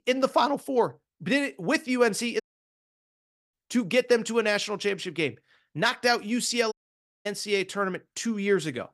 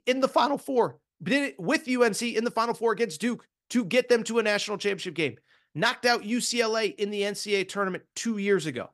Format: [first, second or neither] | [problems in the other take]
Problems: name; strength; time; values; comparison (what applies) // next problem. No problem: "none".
second | audio cutting out; at 2.5 s for 1 s and at 6.5 s for 0.5 s